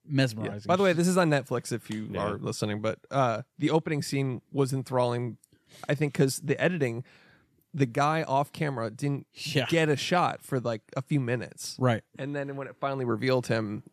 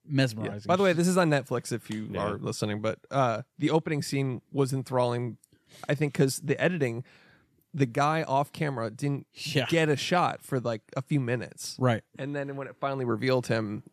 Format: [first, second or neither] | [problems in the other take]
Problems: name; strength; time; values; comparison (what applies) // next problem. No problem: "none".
neither | none